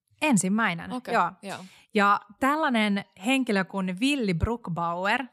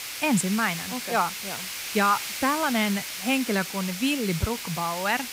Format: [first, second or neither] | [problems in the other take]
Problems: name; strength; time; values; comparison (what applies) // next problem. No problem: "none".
first | hiss; loud; throughout; 6 dB below the speech